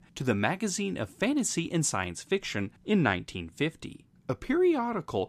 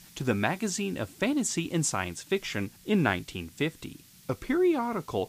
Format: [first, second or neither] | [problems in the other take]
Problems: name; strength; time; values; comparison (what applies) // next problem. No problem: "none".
first | hiss; faint; throughout; 25 dB below the speech